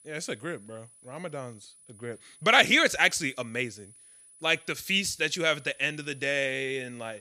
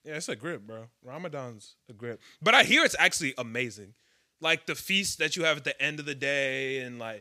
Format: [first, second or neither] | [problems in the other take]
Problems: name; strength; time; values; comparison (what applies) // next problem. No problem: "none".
second | high-pitched whine; faint; throughout; 10 kHz, 25 dB below the speech